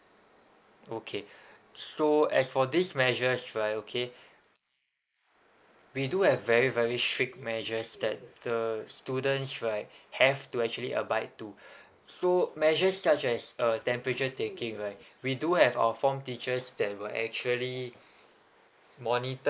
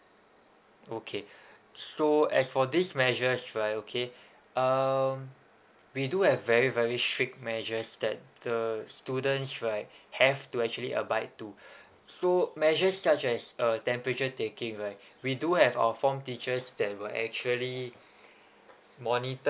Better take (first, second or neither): second